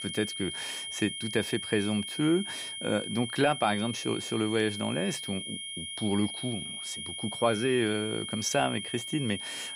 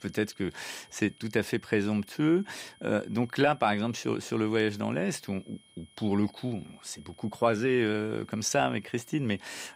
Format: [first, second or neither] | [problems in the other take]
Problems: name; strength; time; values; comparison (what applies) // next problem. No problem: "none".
second | high-pitched whine; loud; throughout; 3 kHz, 5 dB below the speech; faint in the second